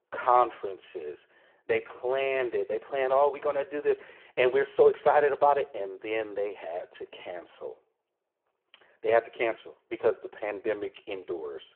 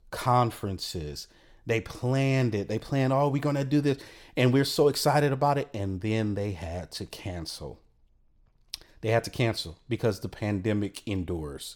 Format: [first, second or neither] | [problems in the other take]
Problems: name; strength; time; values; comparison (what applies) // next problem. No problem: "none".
second | phone-call audio; poor line